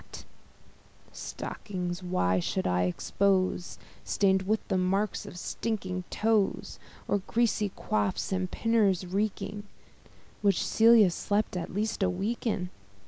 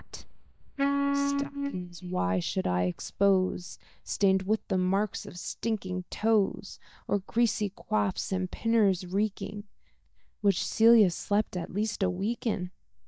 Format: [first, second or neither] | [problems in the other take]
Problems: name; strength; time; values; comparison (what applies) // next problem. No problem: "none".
first | noise reduction (neural mask model DeepFilterNet 3)